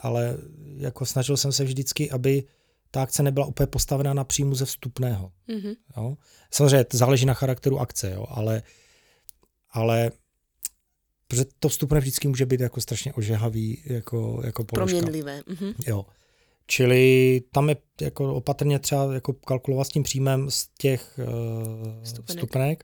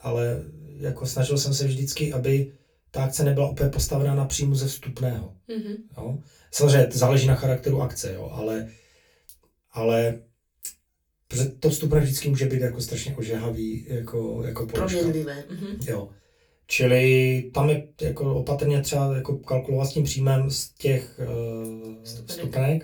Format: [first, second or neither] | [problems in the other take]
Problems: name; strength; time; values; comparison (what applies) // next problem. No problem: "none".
first | off-mic speech; far // room echo; very slight; dies away in 0.2 s